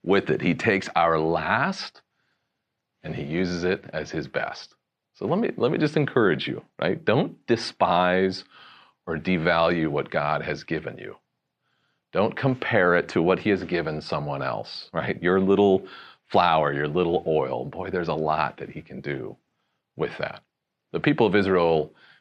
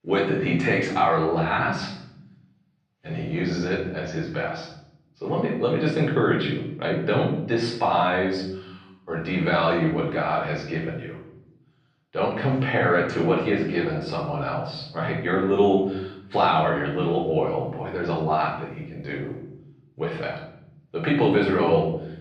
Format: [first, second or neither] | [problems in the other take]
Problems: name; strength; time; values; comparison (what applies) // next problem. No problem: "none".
first | off-mic speech; far // room echo; noticeable; dies away in 0.7 s